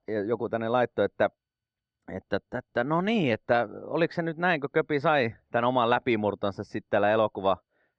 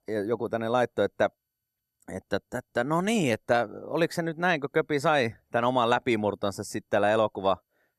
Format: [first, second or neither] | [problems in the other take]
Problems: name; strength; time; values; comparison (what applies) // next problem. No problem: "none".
second | muffled; slightly; fading above 4 kHz